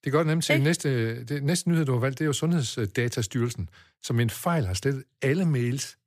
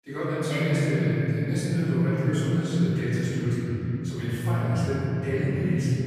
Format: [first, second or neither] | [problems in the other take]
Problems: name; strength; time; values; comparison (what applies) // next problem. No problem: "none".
first | off-mic speech; far // room echo; strong; dies away in 3 s